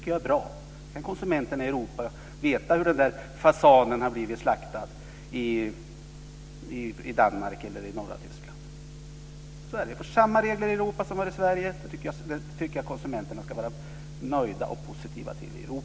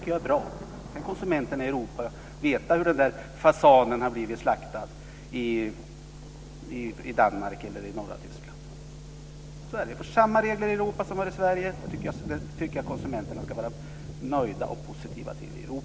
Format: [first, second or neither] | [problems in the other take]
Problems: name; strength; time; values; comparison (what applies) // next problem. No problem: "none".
first | background sound (Thunder); 17 dB below the speech